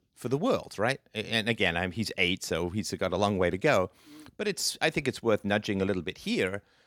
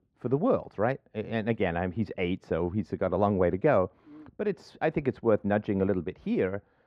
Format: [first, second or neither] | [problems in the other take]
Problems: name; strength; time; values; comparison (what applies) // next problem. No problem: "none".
first | muffled; very; fading above 3.5 kHz